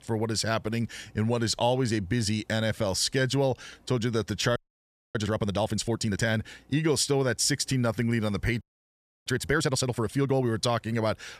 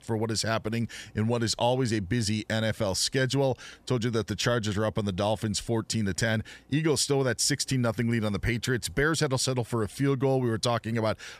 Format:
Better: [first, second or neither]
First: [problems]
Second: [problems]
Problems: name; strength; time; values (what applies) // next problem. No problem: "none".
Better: second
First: audio freezing; at 4.5 s for 0.5 s and at 8.5 s for 0.5 s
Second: none